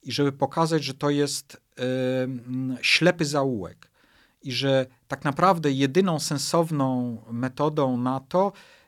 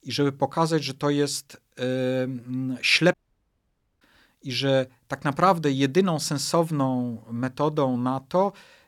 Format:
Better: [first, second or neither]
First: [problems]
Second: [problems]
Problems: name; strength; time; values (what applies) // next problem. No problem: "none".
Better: first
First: none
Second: audio cutting out; at 3 s for 1 s